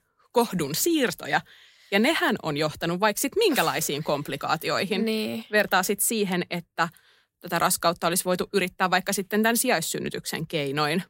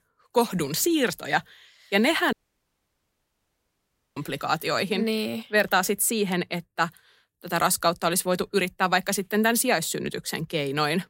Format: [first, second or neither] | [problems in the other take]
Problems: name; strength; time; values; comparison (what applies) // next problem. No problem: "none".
first | audio cutting out; at 2.5 s for 2 s